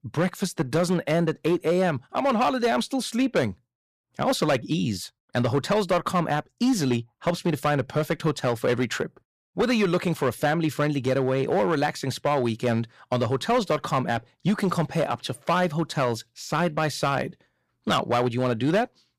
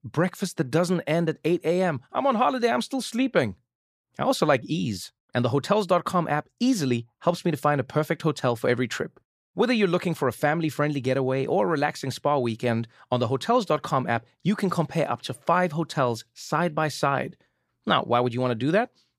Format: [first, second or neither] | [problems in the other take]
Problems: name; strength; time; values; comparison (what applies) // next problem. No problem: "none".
second | distortion; slight; 6% of the sound clipped